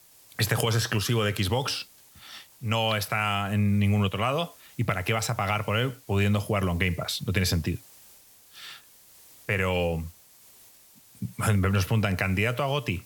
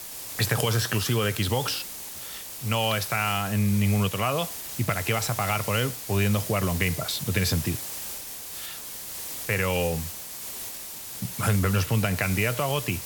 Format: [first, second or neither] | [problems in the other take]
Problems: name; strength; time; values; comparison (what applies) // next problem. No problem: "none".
first | hiss; loud; throughout; 7 dB below the speech; faint in the first